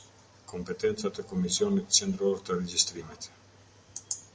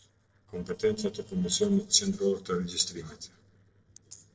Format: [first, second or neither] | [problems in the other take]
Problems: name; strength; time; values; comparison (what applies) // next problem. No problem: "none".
first | noise reduction (neural separator model SepFormer DNS4)